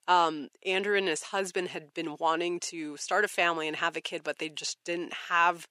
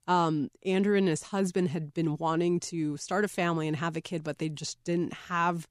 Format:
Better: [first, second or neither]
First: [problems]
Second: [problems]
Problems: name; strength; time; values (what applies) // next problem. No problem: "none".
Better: second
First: thin; very; fading below 550 Hz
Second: none